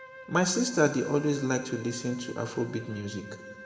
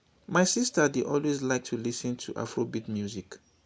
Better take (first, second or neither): second